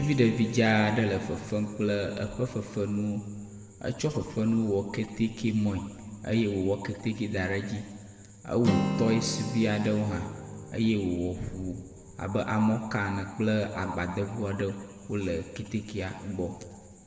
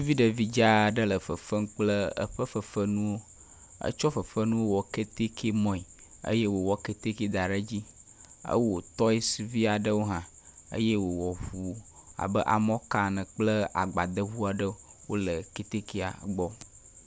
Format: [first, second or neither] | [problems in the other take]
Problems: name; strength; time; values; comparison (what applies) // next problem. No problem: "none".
second | background sound (Acoustic guitar); 11 dB below the speech // room echo; dies away in 1.5 s